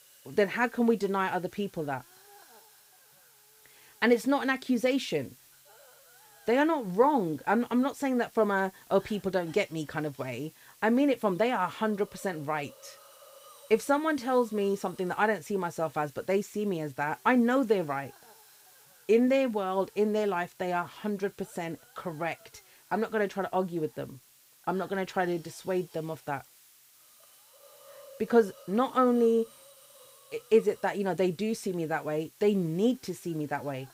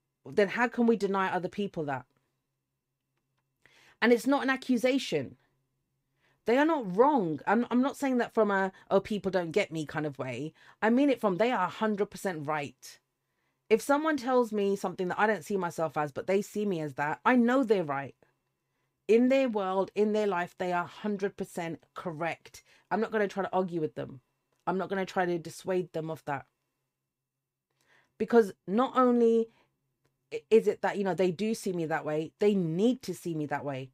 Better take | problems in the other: second | hiss; faint; throughout; 25 dB below the speech

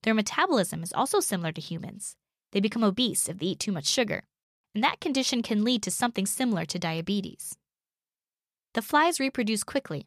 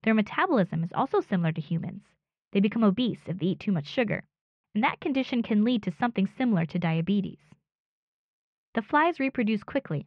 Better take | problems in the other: first | muffled; very; fading above 2.5 kHz

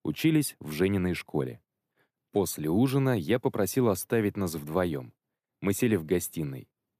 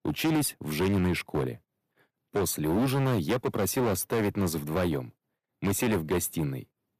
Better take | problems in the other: first | distortion; heavy; 13% of the sound clipped

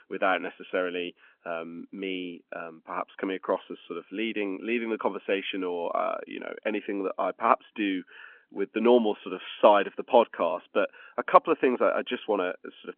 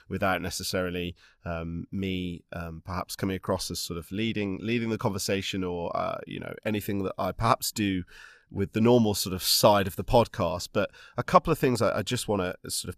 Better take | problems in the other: second | phone-call audio; nothing above 3.5 kHz

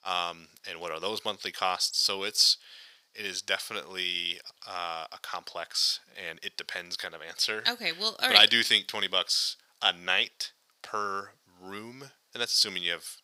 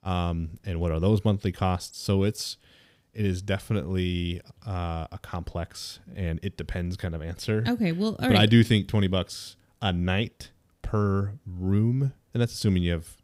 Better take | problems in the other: second | thin; very; fading below 950 Hz

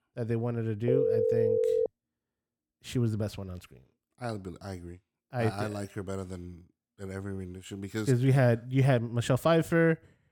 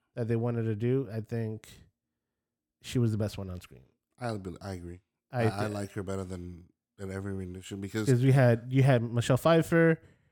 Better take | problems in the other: second | phone ringing; loud; at 1 s; peak 3 dB above the speech

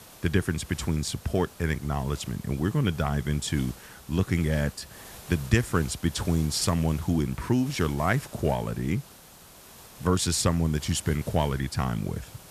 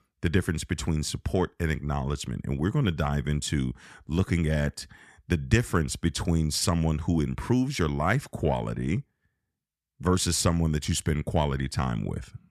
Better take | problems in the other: second | hiss; noticeable; throughout; 20 dB below the speech

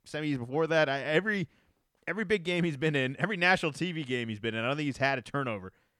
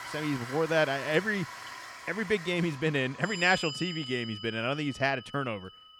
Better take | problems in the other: first | household noises; noticeable; throughout; 10 dB below the speech

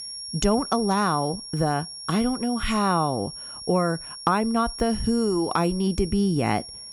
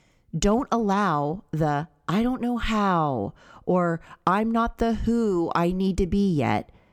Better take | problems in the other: second | high-pitched whine; noticeable; throughout; 5.5 kHz, 10 dB below the speech

